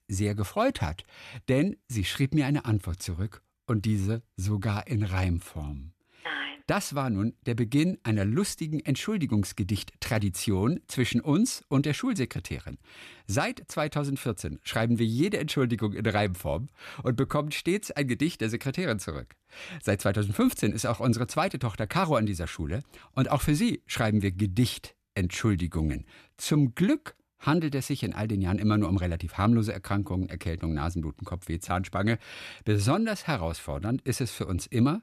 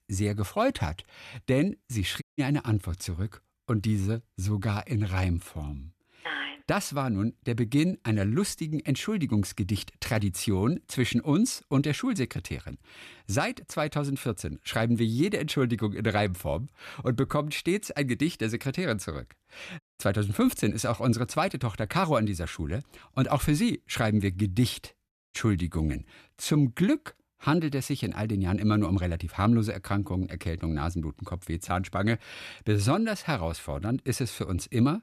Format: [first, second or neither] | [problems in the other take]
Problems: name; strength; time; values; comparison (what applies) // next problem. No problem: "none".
first | audio cutting out; at 2 s, at 20 s and at 25 s